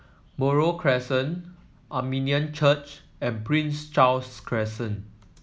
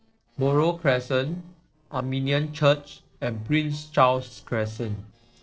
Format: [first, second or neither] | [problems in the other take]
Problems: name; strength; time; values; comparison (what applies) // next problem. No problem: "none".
first | noise reduction (neural separator model SepFormer DNS4)